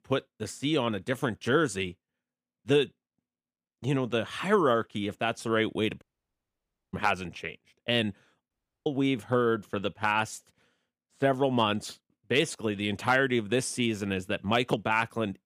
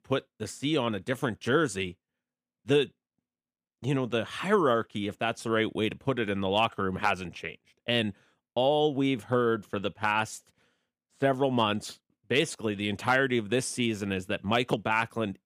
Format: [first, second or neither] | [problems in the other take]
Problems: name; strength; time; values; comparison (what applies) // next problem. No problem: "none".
second | audio cutting out; at 6 s for 1 s and at 8.5 s